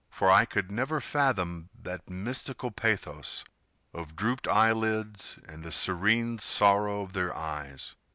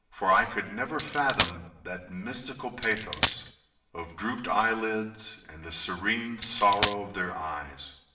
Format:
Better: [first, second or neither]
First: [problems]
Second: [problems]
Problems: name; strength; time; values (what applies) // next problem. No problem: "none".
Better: first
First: none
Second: background sound (Coin (dropping)); 2 dB below the speech // room echo; dies away in 0.8 s